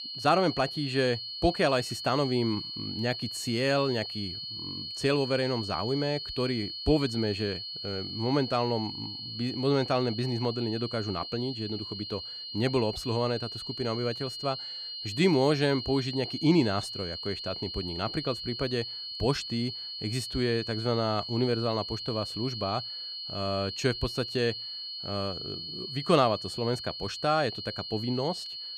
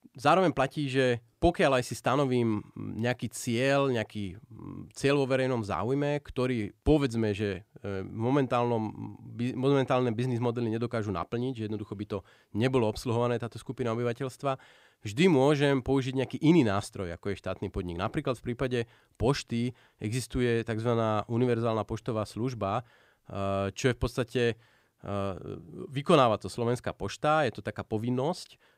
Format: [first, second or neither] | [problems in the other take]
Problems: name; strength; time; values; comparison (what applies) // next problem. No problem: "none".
second | high-pitched whine; loud; throughout; 4.5 kHz, 6 dB below the speech